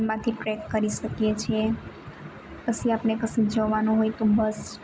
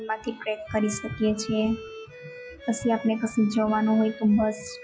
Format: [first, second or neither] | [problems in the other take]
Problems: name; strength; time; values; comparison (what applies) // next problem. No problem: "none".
first | noise reduction (classical method log-MMSE)